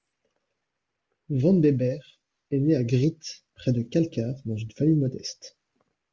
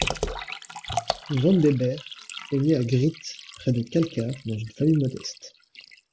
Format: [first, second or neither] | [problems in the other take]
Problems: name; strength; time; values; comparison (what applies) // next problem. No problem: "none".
first | background sound (Liquid); 10 dB below the speech